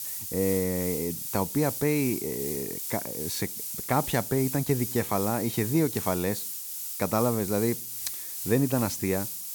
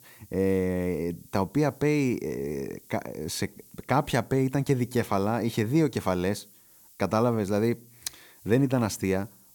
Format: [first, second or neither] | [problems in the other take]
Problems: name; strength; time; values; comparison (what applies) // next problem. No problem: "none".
second | hiss; loud; throughout; 4 dB below the speech; faint in the second